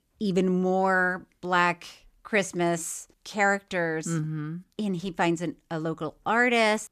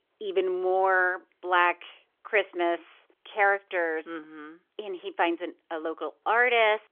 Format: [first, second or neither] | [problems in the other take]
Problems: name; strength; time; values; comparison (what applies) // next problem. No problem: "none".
first | phone-call audio; nothing above 3.5 kHz